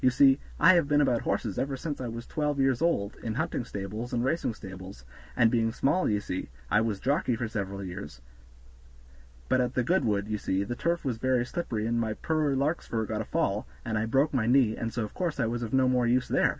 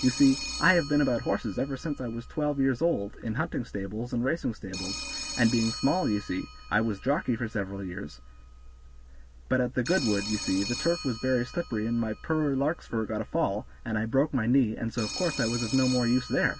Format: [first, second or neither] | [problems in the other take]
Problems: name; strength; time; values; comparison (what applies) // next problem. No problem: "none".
first | background sound (Telephone); 13 dB below the speech